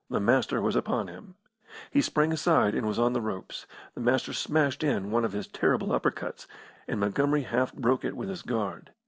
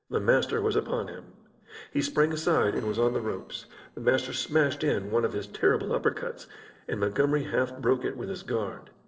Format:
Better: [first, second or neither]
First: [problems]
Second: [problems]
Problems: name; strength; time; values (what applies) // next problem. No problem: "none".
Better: first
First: none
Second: noise reduction (neural separator model SepFormer DNS4)